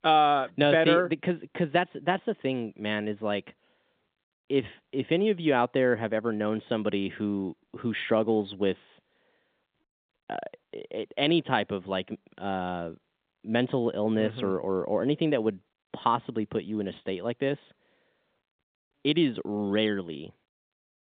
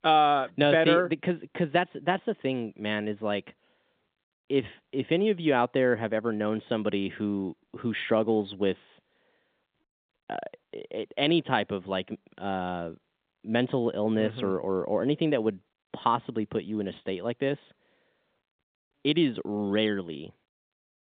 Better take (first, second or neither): neither